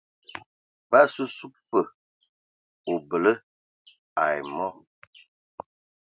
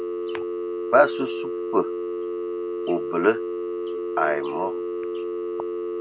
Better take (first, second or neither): first